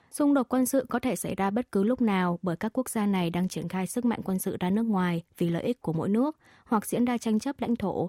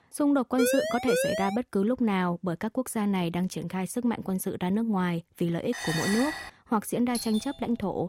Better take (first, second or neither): first